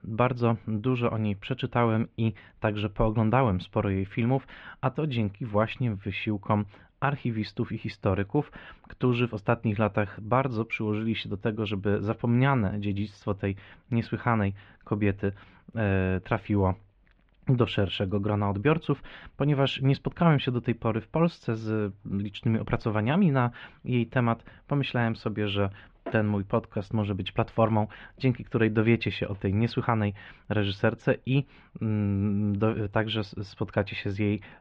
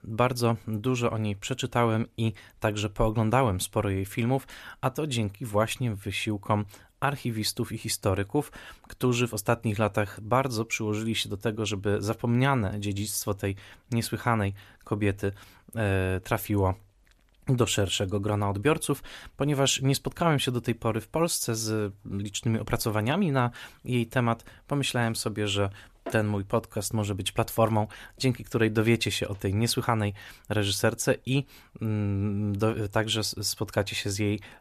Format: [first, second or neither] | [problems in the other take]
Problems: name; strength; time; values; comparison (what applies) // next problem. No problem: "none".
second | muffled; very; fading above 3 kHz